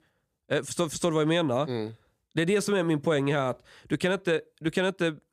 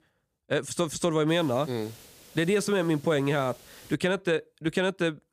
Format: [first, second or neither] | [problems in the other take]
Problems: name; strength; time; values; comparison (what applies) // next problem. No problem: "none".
first | hiss; faint; from 1.5 to 4 s; 25 dB below the speech